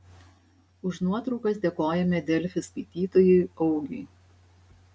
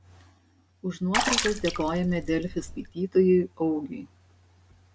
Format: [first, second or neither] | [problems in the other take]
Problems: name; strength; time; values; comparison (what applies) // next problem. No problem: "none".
first | background sound (Water / Splash, splatter); 3 dB below the speech